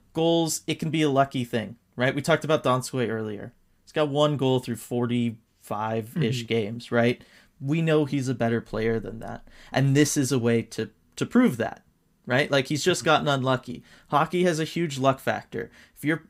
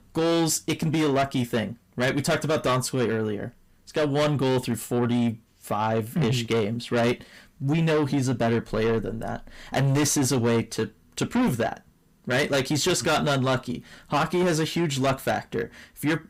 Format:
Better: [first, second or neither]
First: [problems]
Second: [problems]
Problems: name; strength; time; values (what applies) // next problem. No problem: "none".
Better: first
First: none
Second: distortion; heavy; 7 dB below the speech